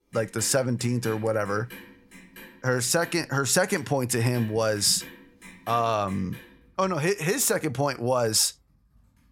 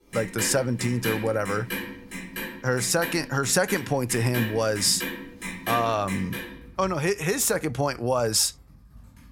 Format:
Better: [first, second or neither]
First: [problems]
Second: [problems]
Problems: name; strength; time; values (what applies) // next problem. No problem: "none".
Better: first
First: household noises; faint; throughout; 20 dB below the speech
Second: household noises; loud; throughout; 9 dB below the speech